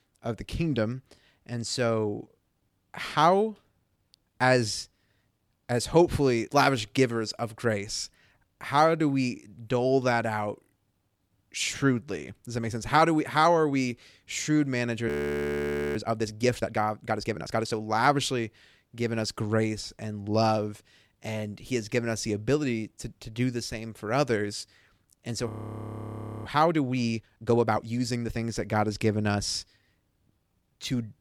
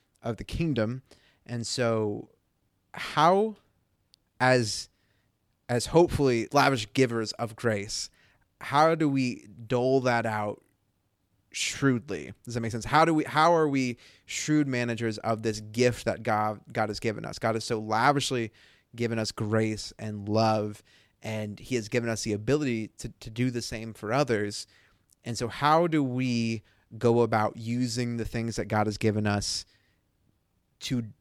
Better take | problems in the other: second | audio freezing; at 15 s for 1 s and at 25 s for 1 s

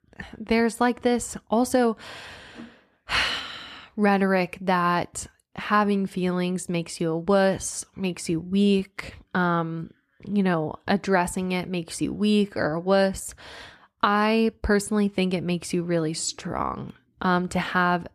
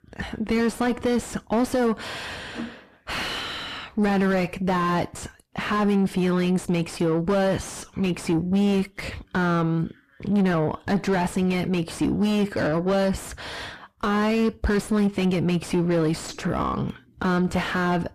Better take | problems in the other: first | distortion; heavy; 5 dB below the speech

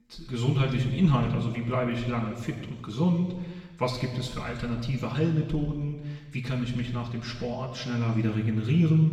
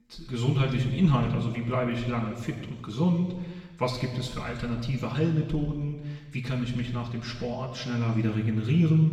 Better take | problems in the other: neither | room echo; noticeable; dies away in 1.3 s; the same in both // off-mic speech; far; the same in both

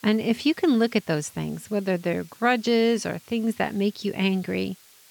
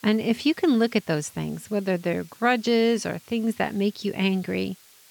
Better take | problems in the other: neither | hiss; faint; throughout; 25 dB below the speech; the same in both

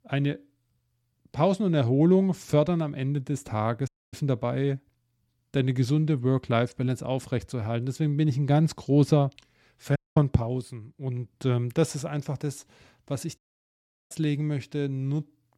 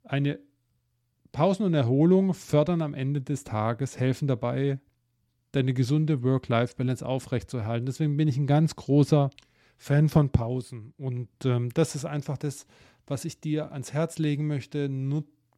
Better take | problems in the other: second | audio cutting out; at 4 s, at 10 s and at 13 s for 0.5 s

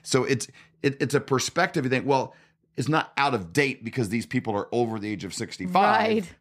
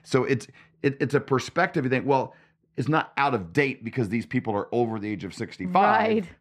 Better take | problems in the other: first | muffled; slightly; fading above 4 kHz

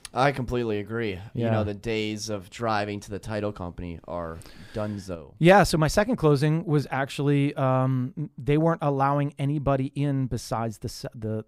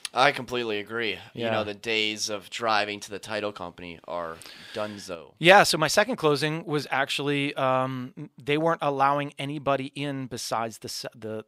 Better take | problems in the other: first | thin; somewhat; fading below 650 Hz

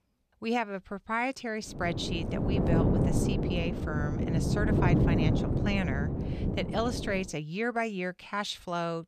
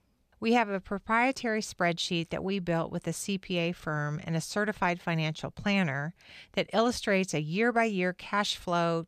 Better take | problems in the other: second | wind noise on the microphone; heavy; from 1.5 to 7 s; 2 dB below the speech

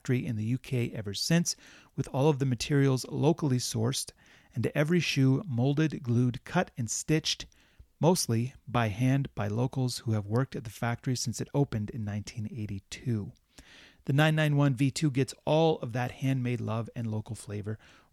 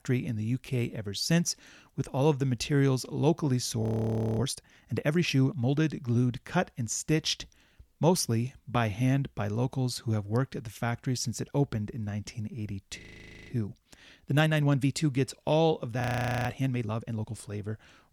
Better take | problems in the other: first | audio freezing; at 4 s for 0.5 s, at 13 s and at 16 s

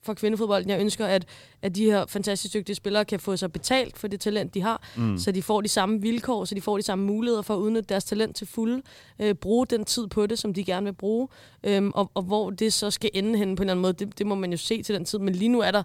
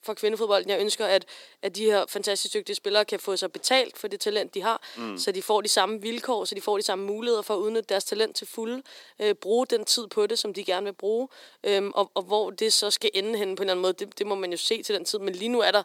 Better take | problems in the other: first | thin; somewhat; fading below 300 Hz

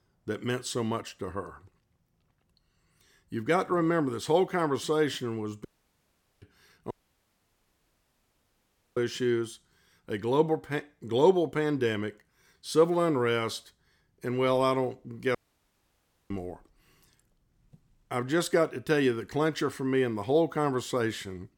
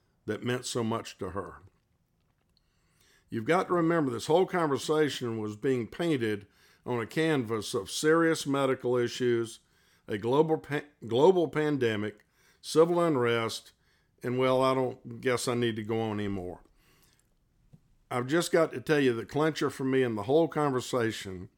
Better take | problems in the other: second | audio cutting out; at 5.5 s for 1 s, at 7 s for 2 s and at 15 s for 1 s

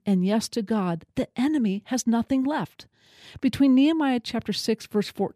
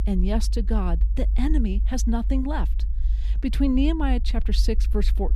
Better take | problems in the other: first | low rumble; noticeable; throughout; 15 dB below the speech

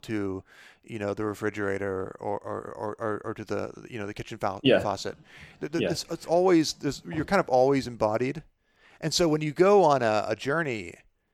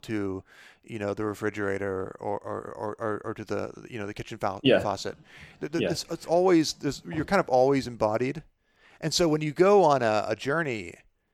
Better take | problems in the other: neither | none

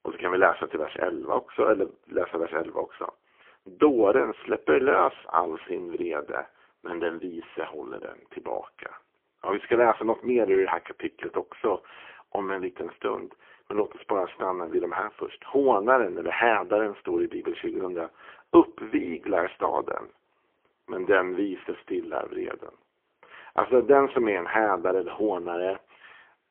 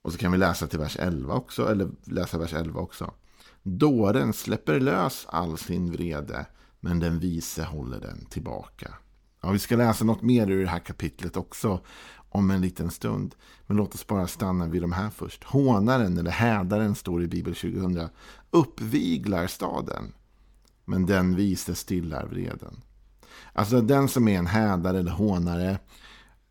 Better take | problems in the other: second | phone-call audio; poor line; nothing above 3 kHz

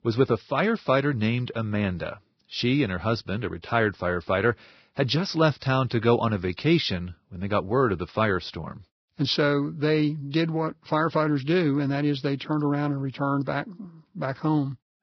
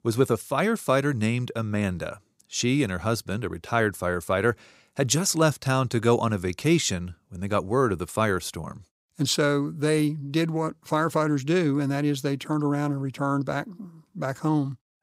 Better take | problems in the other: second | garbled, watery; badly; nothing above 5.5 kHz

